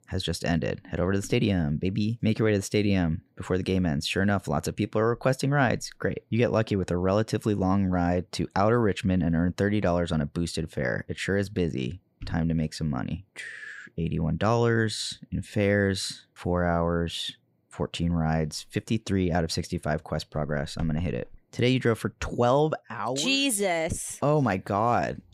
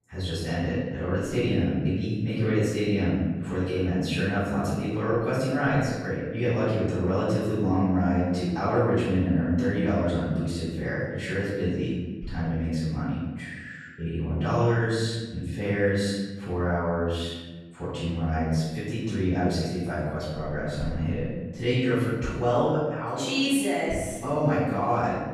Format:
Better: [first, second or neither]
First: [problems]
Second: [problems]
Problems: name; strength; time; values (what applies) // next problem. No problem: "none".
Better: first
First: none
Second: room echo; strong; dies away in 1.2 s // off-mic speech; far